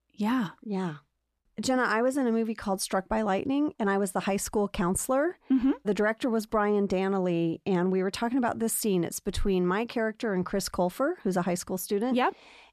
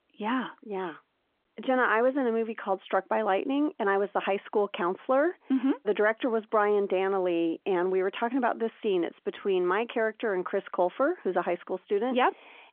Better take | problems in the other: first | phone-call audio

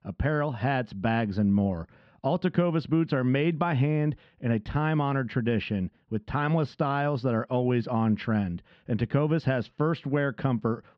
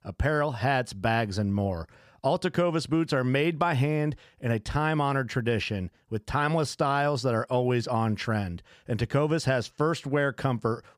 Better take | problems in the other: second | muffled; slightly; fading above 3.5 kHz

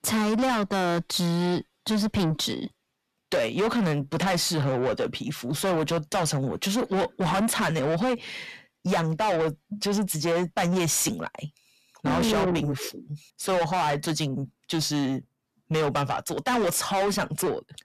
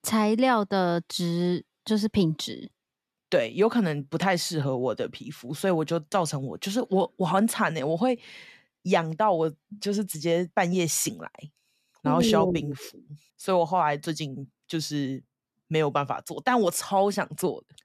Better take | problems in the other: second | distortion; heavy; 6 dB below the speech

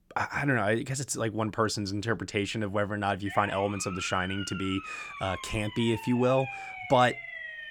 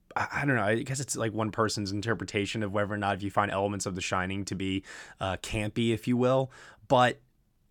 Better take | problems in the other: second | siren; noticeable; from 3.5 s on; peak 8 dB below the speech

